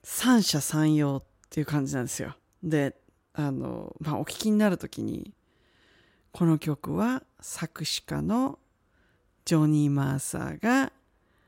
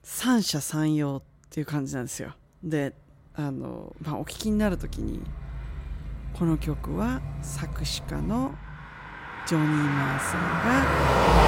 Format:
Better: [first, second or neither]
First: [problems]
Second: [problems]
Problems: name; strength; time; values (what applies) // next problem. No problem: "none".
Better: first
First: none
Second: traffic noise; loud; throughout; 1 dB below the speech